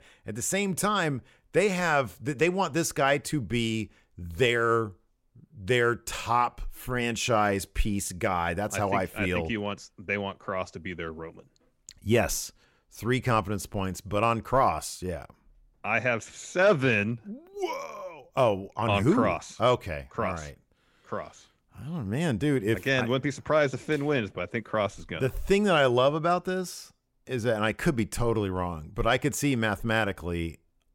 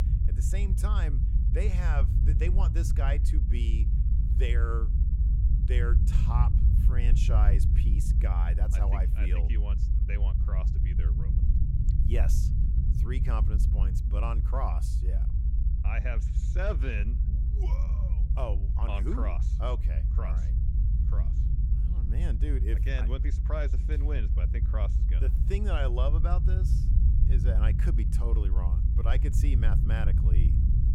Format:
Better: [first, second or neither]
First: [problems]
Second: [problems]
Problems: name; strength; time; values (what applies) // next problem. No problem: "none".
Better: first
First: none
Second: low rumble; loud; throughout; 5 dB below the speech